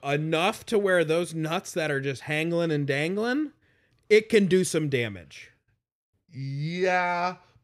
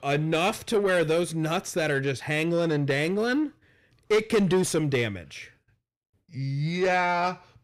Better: first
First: none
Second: distortion; slight; 10 dB below the speech

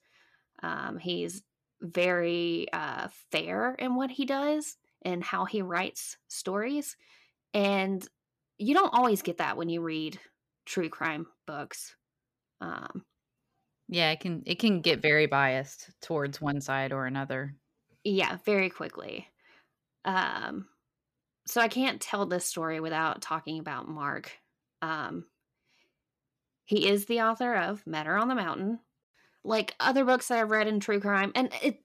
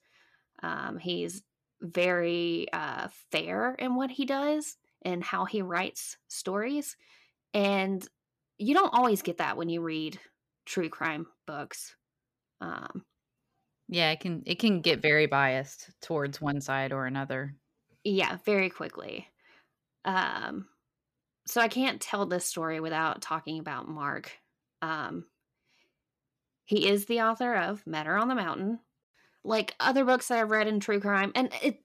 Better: neither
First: none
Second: none

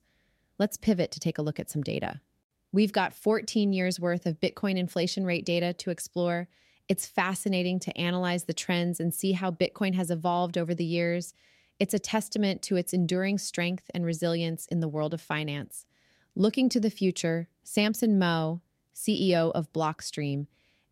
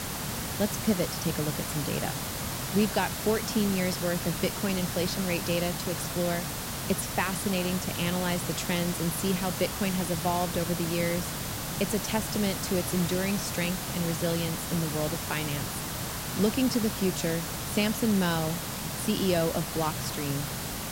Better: first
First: none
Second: hiss; loud; throughout; 2 dB below the speech

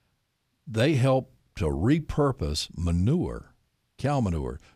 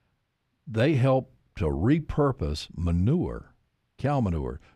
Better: first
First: none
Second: muffled; very slightly; fading above 4 kHz

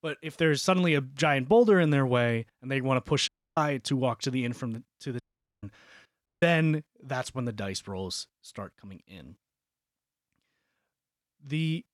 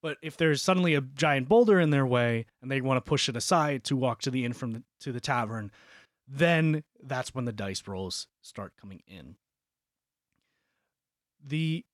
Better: second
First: audio cutting out; at 3.5 s, at 5 s and at 6.5 s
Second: none

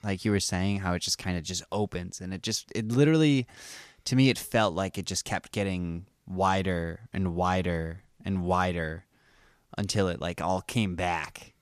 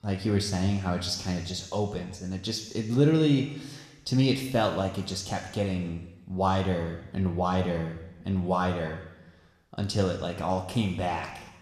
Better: first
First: none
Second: room echo; slight; dies away in 1.1 s

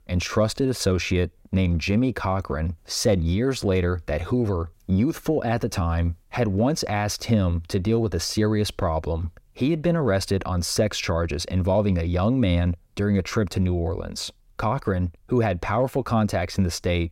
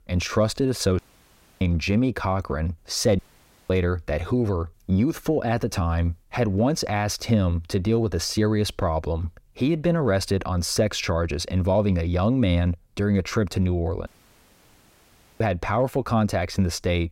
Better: first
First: none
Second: audio cutting out; at 1 s for 0.5 s, at 3 s for 0.5 s and at 14 s for 1.5 s

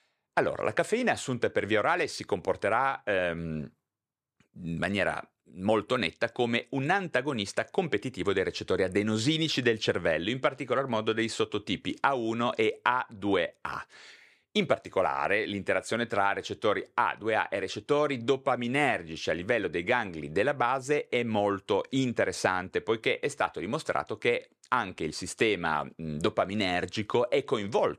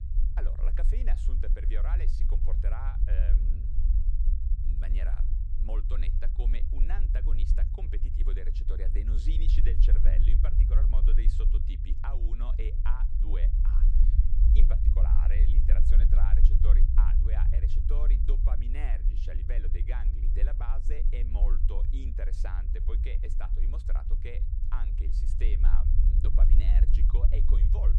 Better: first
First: none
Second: low rumble; loud; throughout; 3 dB below the speech

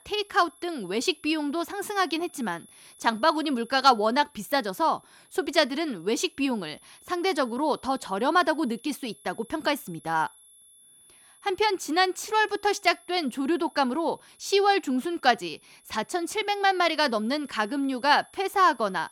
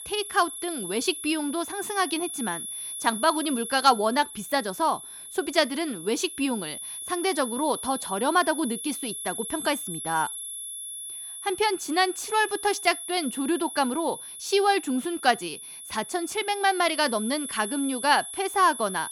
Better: first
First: high-pitched whine; faint; throughout; 10.5 kHz, 25 dB below the speech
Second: high-pitched whine; loud; throughout; 10.5 kHz, 8 dB below the speech

